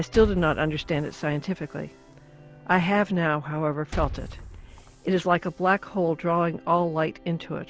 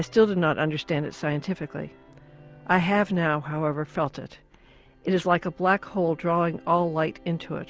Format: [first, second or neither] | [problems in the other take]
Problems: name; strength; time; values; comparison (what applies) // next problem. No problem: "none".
second | background sound (Liquid); 13 dB below the speech